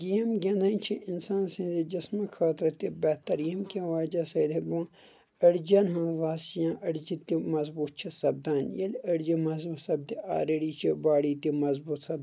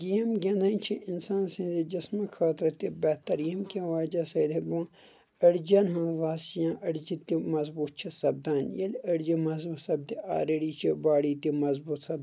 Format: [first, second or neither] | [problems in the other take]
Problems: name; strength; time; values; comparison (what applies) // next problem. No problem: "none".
second | noise reduction (neural mask model Resemble Enhance denoiser)